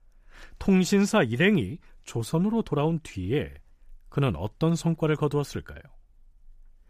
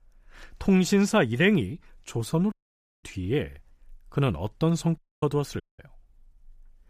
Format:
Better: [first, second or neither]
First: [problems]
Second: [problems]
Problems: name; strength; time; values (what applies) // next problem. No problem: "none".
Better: first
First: none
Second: audio cutting out; at 2.5 s for 0.5 s, at 5 s and at 5.5 s